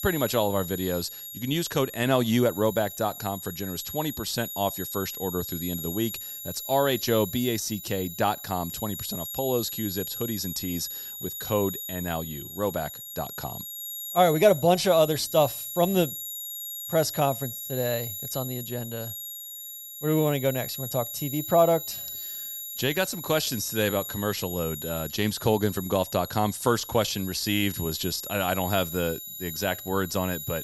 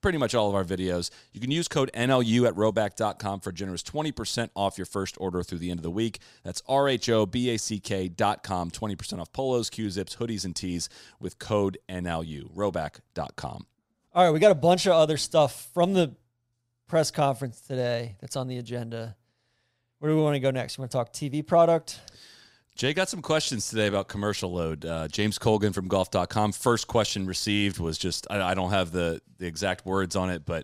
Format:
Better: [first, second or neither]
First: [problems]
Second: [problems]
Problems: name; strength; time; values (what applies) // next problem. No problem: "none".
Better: second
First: high-pitched whine; loud; throughout; 11.5 kHz, 7 dB below the speech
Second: none